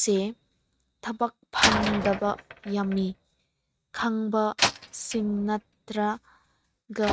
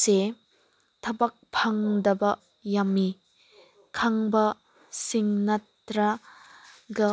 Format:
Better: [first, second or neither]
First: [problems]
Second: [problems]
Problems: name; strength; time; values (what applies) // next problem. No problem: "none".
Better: second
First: noise reduction (neural mask model RNNoise)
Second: none